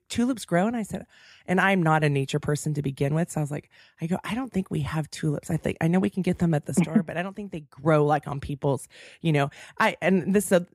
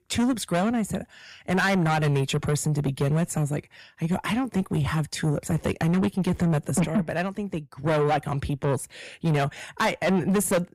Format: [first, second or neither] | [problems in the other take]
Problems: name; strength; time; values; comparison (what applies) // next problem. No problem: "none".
first | distortion; heavy; 7 dB below the speech